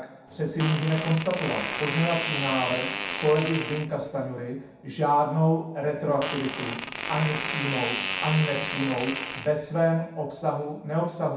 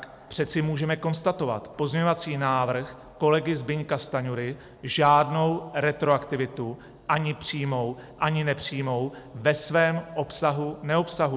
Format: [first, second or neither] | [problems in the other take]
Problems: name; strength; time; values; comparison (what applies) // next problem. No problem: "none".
second | background sound (Fart); 5 dB below the speech // room echo; dies away in 0.7 s